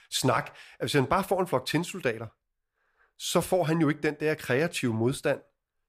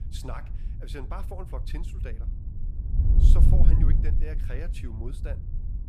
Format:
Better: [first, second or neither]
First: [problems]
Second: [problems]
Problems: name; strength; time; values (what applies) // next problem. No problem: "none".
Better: first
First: none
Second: wind noise on the microphone; heavy; 1 dB below the speech